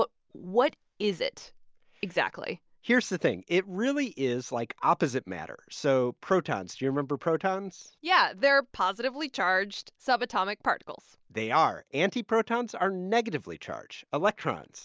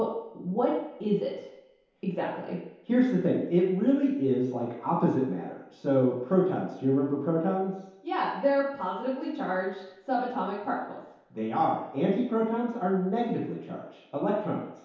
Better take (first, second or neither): first